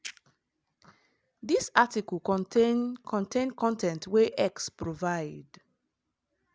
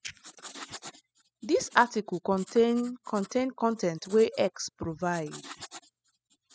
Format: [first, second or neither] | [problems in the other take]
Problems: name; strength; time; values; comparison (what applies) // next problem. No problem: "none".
first | noise reduction (classical method spectral subtraction)